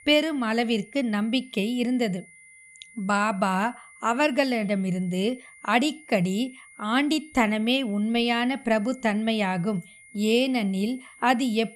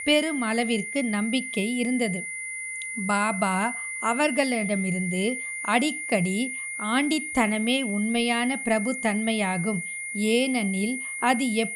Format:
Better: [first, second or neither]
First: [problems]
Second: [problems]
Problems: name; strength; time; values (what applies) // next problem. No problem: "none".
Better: first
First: high-pitched whine; faint; throughout; 2 kHz, 25 dB below the speech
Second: high-pitched whine; loud; throughout; 2 kHz, 5 dB below the speech